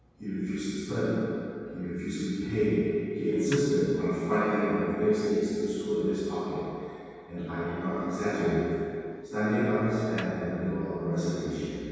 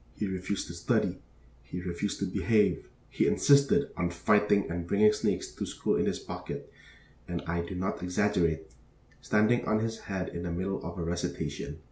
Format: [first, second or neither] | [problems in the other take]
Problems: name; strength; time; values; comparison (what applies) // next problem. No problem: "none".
second | background sound (Snare drum); 19 dB below the speech // room echo; dies away in 2.2 s